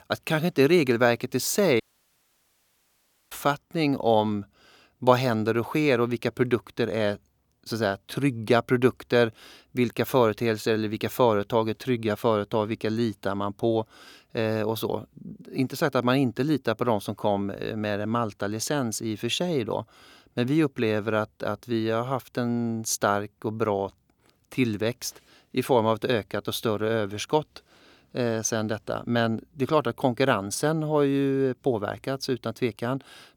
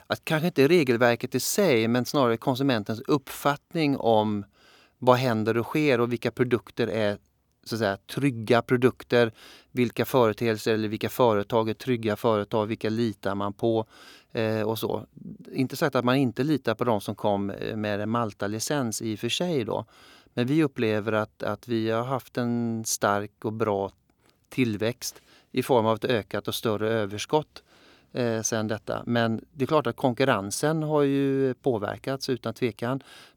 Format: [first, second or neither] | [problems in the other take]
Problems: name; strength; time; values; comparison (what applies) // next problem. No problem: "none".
second | audio cutting out; at 2 s for 1.5 s